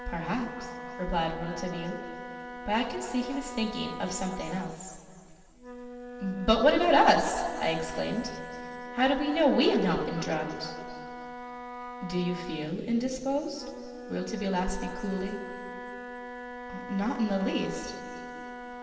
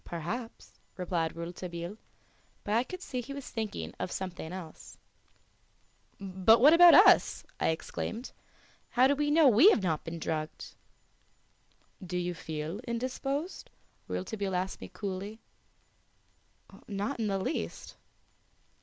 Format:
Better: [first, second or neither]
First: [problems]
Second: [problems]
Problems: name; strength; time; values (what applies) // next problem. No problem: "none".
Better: second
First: background sound (Wind instrument, woodwind instrument); 11 dB below the speech // room echo; dies away in 2.4 s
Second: none